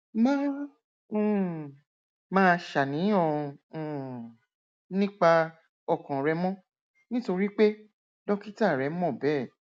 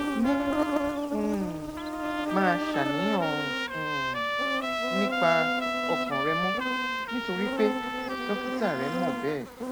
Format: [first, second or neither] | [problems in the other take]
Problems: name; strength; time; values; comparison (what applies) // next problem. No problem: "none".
first | background sound (Trumpet + Insect); 2 dB above the speech